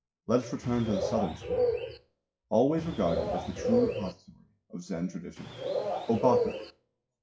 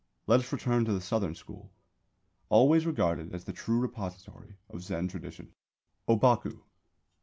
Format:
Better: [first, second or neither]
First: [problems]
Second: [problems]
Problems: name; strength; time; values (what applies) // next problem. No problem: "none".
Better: second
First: noise reduction (classical method WPE with log-MMSE)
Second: none